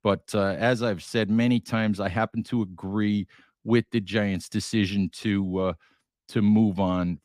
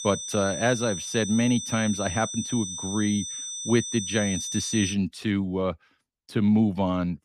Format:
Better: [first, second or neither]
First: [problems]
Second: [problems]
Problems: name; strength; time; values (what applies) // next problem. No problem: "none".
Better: first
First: none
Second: high-pitched whine; loud; until 5 s; 6 kHz, 6 dB below the speech